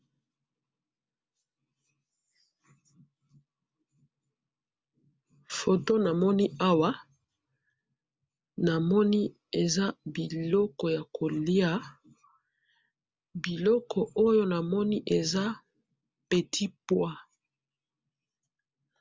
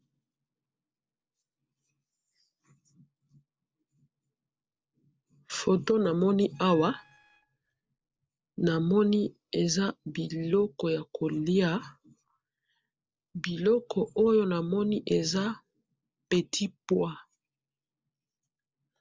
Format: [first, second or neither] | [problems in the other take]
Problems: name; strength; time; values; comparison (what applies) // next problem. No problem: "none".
first | noise reduction (neural separator model SepFormer DNS4)